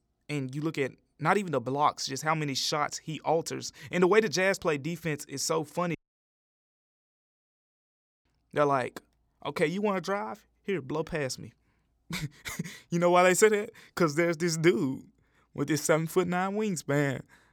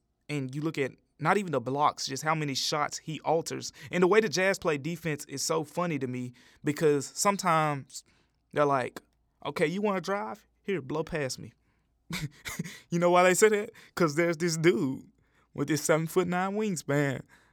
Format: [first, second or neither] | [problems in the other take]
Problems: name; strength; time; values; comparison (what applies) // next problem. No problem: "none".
second | audio cutting out; at 6 s for 2.5 s